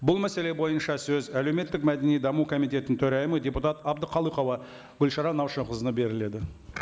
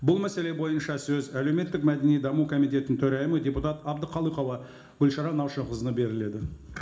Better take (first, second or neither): first